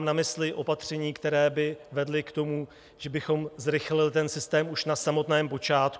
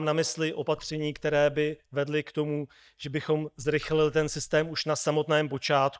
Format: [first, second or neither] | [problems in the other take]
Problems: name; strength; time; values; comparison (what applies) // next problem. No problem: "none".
first | noise reduction (neural mask model DeepFilterNet 3)